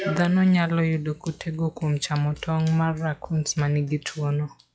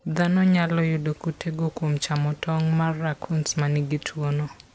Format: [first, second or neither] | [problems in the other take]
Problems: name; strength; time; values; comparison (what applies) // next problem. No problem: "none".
second | noise reduction (classical method log-MMSE)